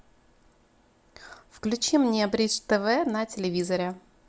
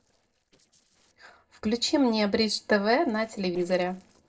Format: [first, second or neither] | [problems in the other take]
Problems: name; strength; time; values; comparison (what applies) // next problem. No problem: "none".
first | noise reduction (neural separator model SepFormer DNS4)